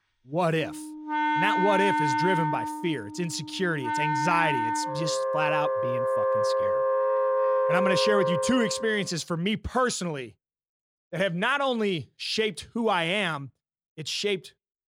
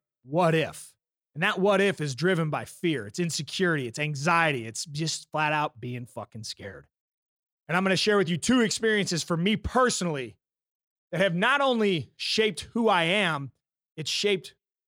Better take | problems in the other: second | background music; very loud; until 8.5 s; 2 dB above the speech

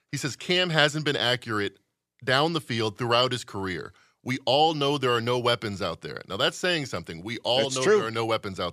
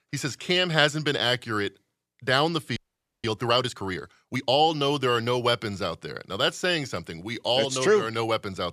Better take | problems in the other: first | audio freezing; at 3 s

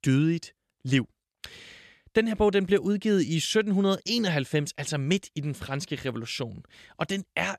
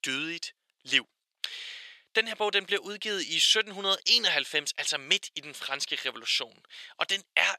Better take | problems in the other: first | thin; very; fading below 700 Hz

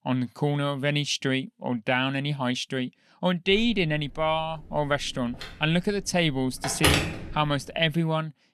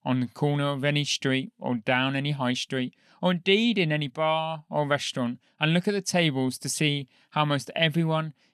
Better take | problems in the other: second | phone ringing; loud; from 3.5 to 7.5 s; peak 4 dB above the speech

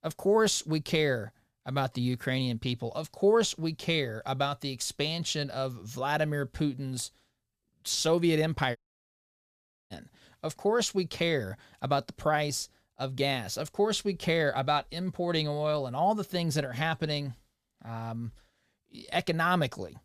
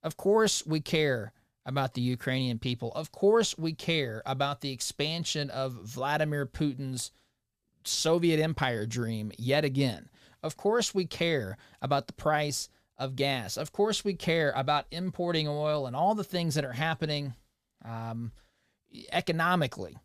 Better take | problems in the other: second | audio cutting out; at 9 s for 1 s

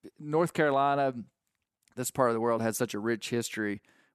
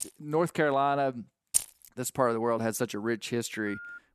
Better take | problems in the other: first | jangling keys; faint; at the start; peak 10 dB below the speech // jangling keys; loud; at 1.5 s; peak 1 dB above the speech // phone ringing; faint; at 3.5 s; peak 15 dB below the speech

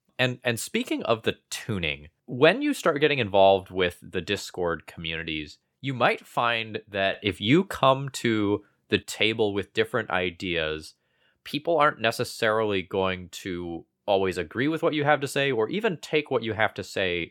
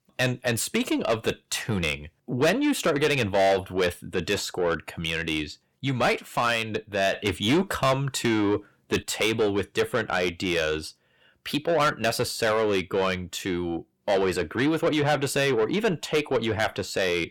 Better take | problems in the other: first | distortion; heavy; 7 dB below the speech

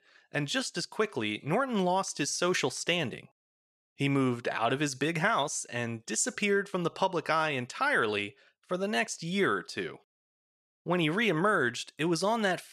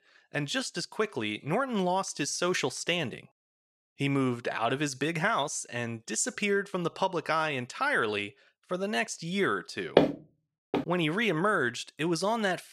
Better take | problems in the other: first | footsteps; loud; at 10 s; peak 5 dB above the speech

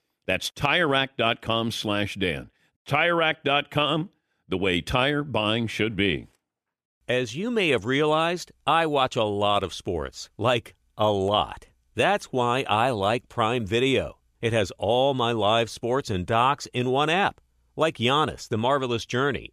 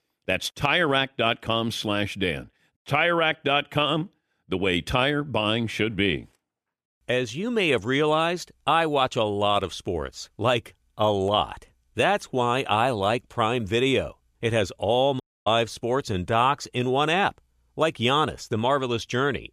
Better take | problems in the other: first | audio cutting out; at 15 s

